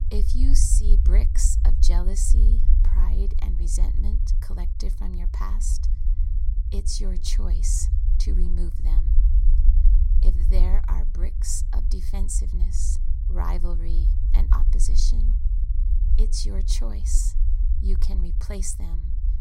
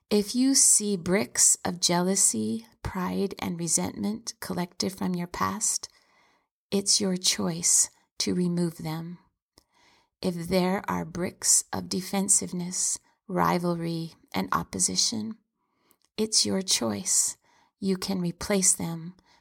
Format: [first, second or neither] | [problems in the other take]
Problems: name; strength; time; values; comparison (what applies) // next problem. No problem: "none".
second | low rumble; loud; throughout; 9 dB below the speech